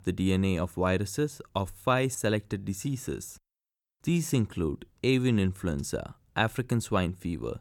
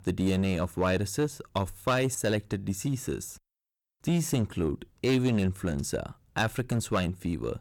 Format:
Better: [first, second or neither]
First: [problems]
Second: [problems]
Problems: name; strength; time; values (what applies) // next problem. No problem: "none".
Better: first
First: none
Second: distortion; slight; 6% of the sound clipped